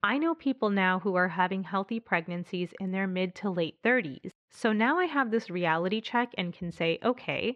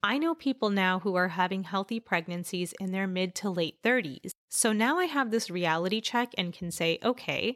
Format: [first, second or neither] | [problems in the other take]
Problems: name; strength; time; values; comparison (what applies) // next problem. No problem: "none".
second | muffled; slightly; fading above 2 kHz